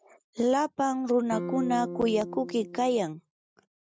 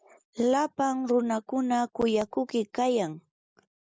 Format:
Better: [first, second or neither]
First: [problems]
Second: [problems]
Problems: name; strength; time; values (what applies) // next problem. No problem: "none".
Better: second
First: noise reduction (neural mask model RNNoise)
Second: none